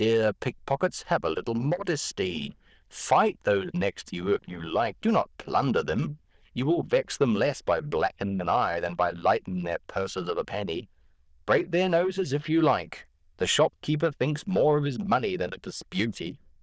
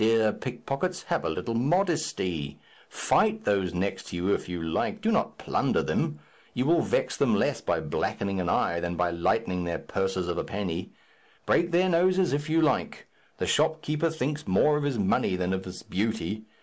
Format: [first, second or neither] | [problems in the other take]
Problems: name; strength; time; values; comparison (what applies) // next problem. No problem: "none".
second | noise reduction (neural diffusion model UNIVERSE++)